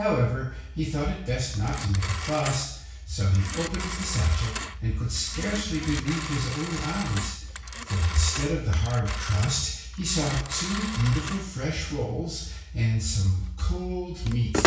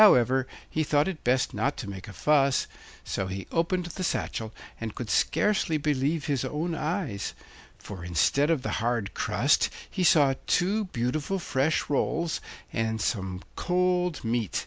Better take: second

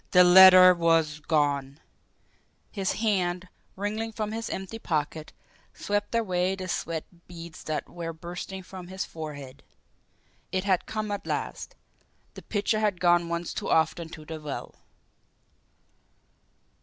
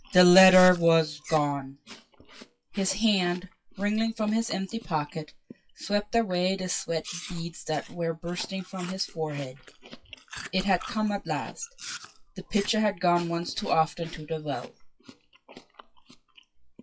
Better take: first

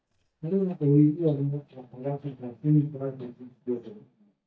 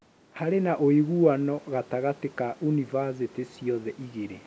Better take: second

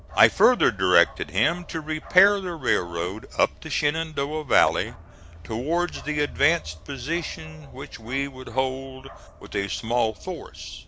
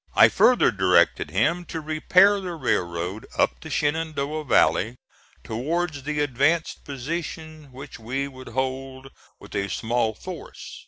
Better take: second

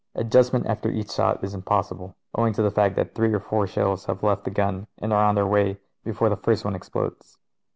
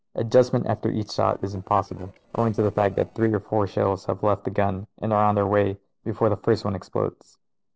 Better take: first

